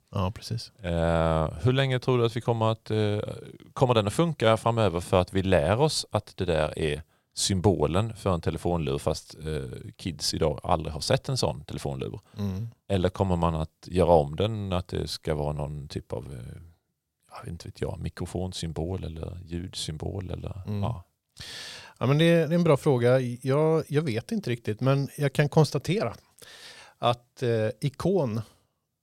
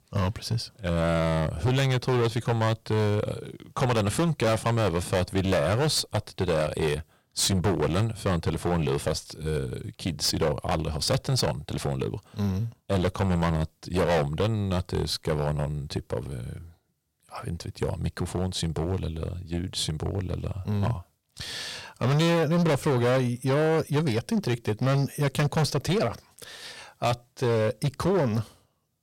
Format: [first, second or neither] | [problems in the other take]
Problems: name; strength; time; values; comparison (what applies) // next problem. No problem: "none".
first | distortion; heavy; 13% of the sound clipped